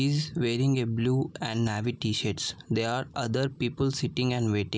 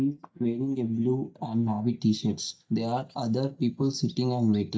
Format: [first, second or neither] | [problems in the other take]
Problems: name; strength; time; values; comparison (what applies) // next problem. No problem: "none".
first | noise reduction (neural mask model DeepFilterNet 3)